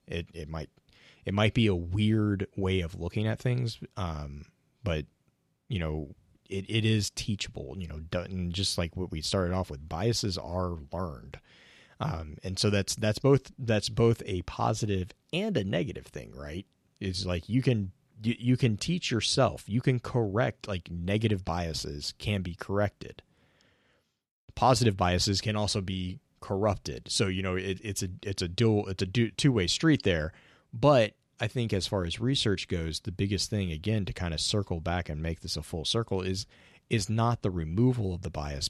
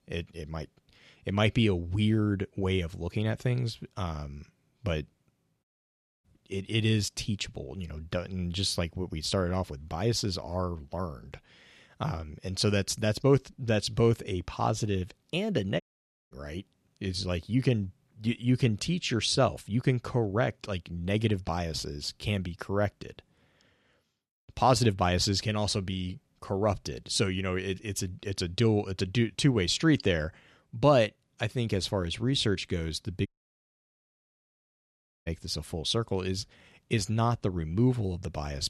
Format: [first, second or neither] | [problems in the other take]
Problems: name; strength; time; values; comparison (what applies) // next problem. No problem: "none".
first | audio cutting out; at 5.5 s for 0.5 s, at 16 s for 0.5 s and at 33 s for 2 s